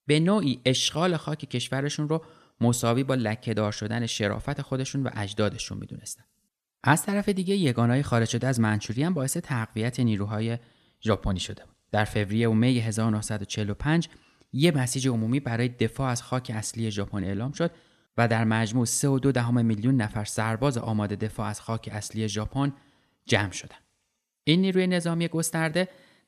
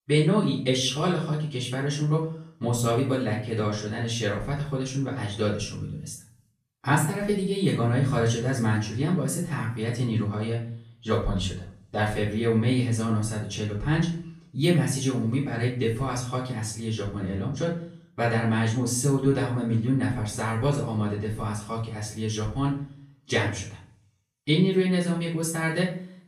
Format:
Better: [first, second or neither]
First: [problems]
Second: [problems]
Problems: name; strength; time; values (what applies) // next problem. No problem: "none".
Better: first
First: none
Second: off-mic speech; far // room echo; noticeable; dies away in 0.4 s